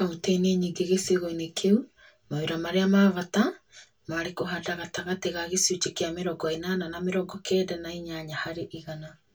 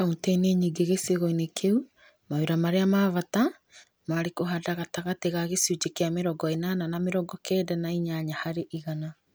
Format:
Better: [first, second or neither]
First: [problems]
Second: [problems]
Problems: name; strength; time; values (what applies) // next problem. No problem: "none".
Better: second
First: room echo; dies away in 0.1 s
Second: none